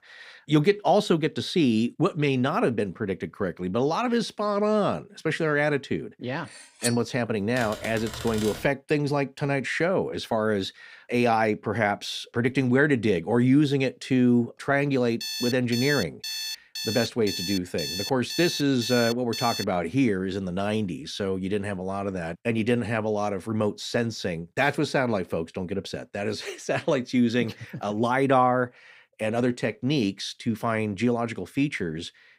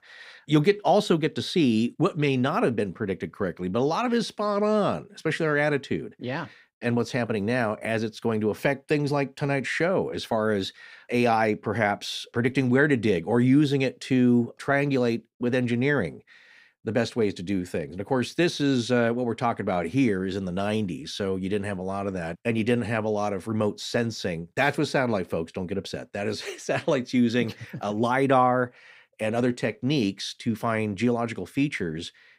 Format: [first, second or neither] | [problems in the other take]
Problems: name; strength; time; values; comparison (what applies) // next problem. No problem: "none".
second | clattering dishes; noticeable; at 7 s; peak 6 dB below the speech // keyboard typing; noticeable; from 7.5 to 8.5 s; peak 9 dB below the speech // alarm; noticeable; from 15 to 20 s; peak 4 dB below the speech